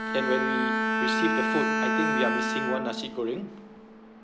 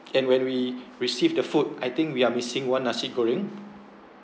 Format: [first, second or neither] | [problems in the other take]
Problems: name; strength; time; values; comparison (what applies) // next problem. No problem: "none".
second | background sound (Bowed string instrument); 4 dB above the speech